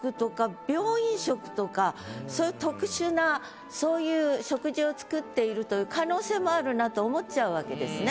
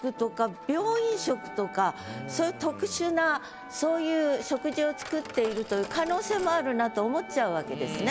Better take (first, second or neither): first